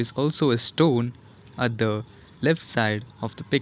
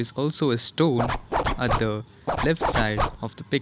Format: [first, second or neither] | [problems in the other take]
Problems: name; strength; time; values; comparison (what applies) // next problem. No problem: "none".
first | background sound (Zipper (clothing)); as loud as the speech